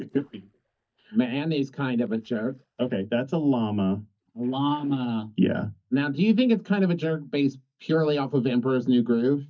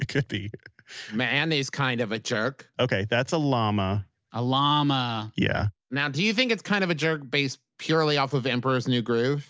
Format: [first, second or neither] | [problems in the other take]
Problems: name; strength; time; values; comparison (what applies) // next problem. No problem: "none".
second | noise reduction (neural mask model DeepFilterNet 3)